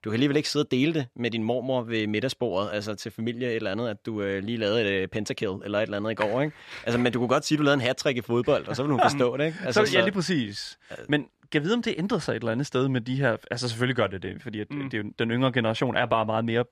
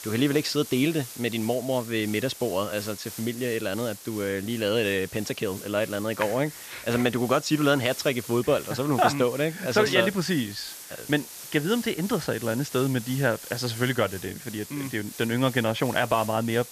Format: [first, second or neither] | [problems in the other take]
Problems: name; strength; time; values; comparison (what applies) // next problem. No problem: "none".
first | hiss; noticeable; throughout; 15 dB below the speech